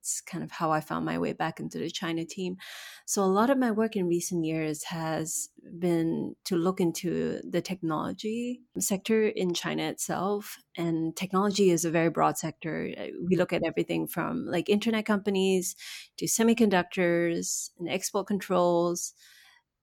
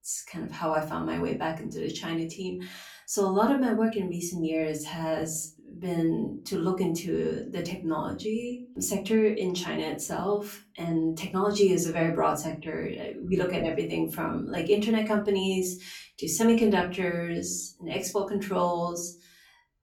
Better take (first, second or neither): first